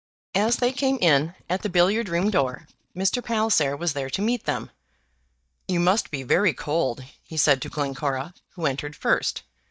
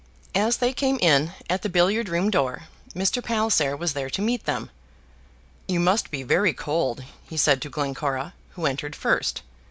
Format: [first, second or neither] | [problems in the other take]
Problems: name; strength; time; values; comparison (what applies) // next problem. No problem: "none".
second | noise reduction (neural mask model DeepFilterNet 3)